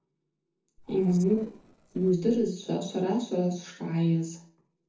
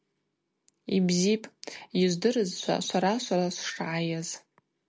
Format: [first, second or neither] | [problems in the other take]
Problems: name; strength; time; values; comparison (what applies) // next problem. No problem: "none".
second | noise reduction (neural separator model SepFormer DNS4)